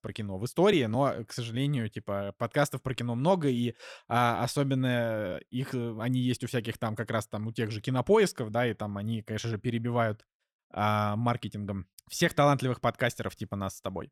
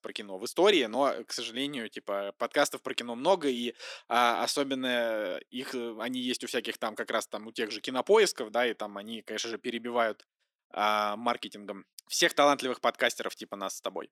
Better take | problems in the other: first | thin; somewhat; fading below 300 Hz

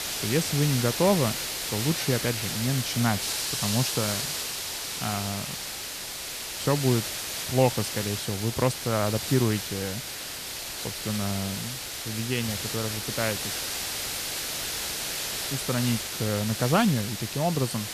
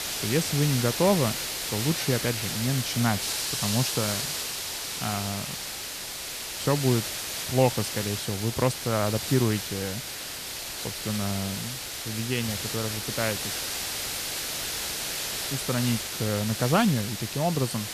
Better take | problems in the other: neither | hiss; loud; throughout; 2 dB below the speech; the same in both

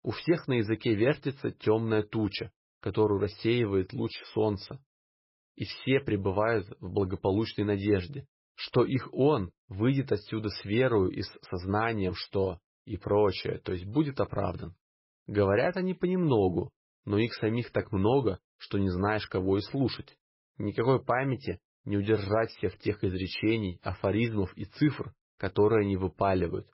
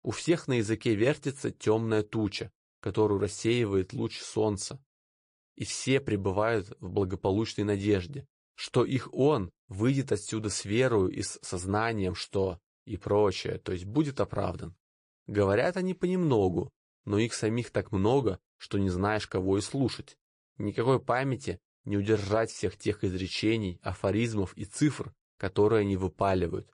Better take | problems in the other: second | garbled, watery; badly; nothing above 5.5 kHz; slightly in the second

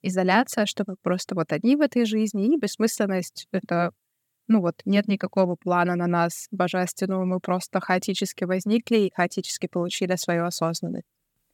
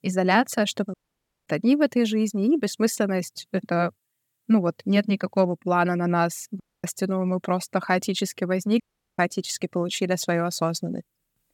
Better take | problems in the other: first | audio cutting out; at 1 s for 0.5 s, at 6.5 s and at 9 s

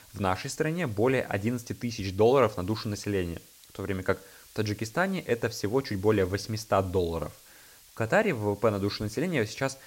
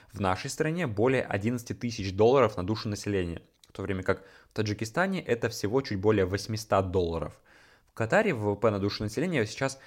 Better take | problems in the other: second | hiss; faint; throughout; 25 dB below the speech

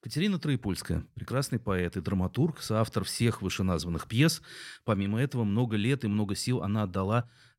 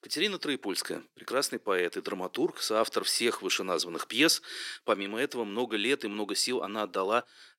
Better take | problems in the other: first | thin; very; fading below 350 Hz

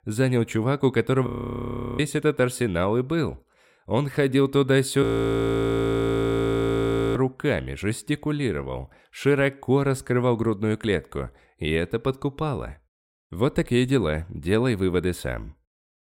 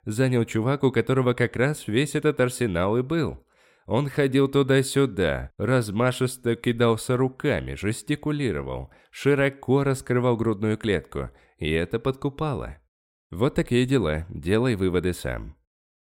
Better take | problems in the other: second | audio freezing; at 1.5 s for 0.5 s and at 5 s for 2 s

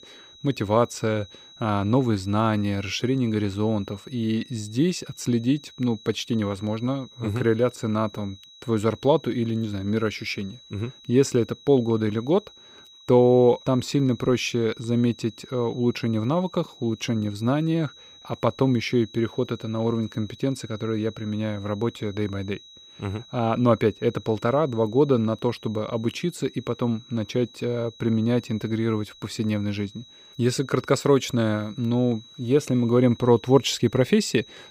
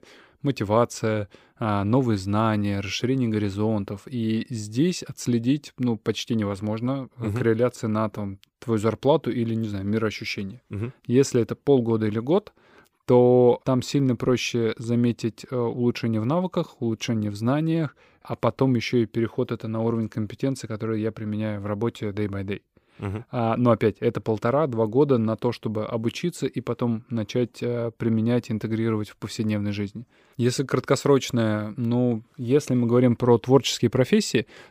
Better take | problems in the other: second | high-pitched whine; faint; throughout; 4 kHz, 20 dB below the speech

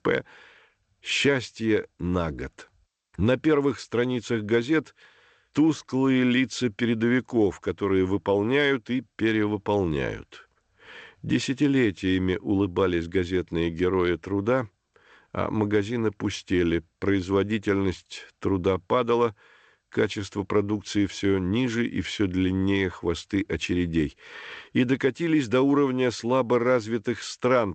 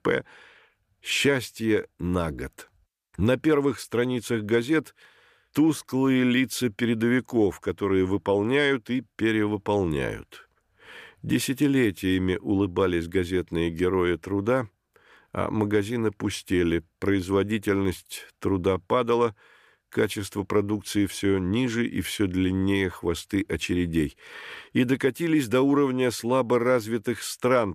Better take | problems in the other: second | garbled, watery; slightly; nothing above 8 kHz

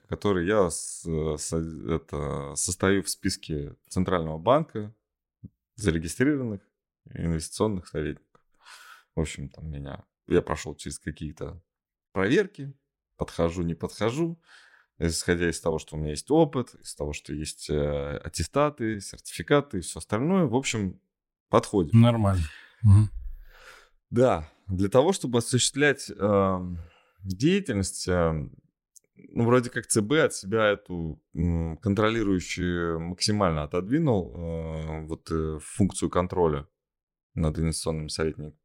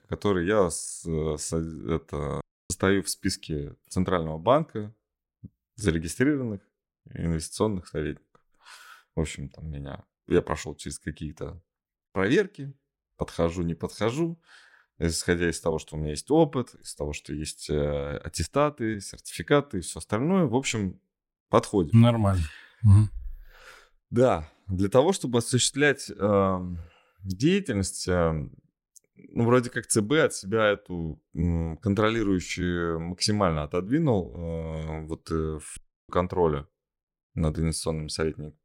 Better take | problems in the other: first | audio cutting out; at 2.5 s and at 36 s

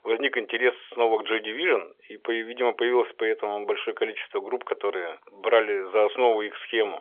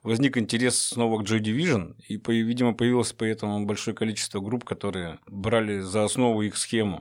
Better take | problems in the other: second | phone-call audio; nothing above 3.5 kHz

